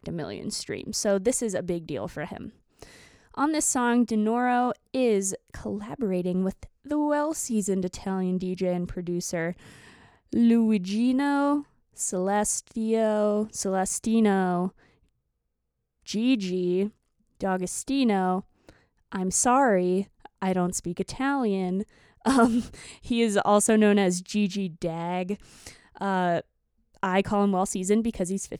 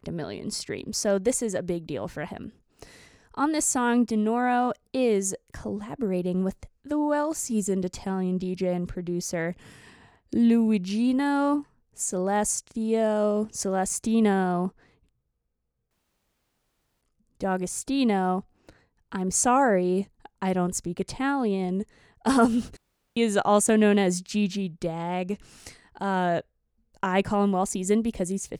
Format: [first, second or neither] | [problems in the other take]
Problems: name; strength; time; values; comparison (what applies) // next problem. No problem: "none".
first | audio cutting out; at 16 s for 1 s and at 23 s